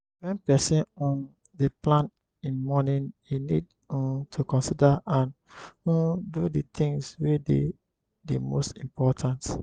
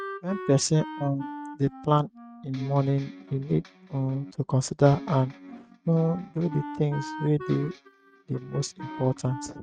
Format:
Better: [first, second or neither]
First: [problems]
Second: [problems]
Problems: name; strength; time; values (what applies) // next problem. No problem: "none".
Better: first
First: none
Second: noise reduction (neural mask model RNNoise)